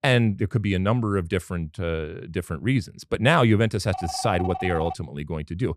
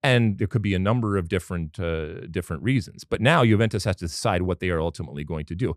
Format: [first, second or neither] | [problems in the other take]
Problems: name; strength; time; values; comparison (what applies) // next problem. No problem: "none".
second | phone ringing; noticeable; from 4 to 5 s; peak 8 dB below the speech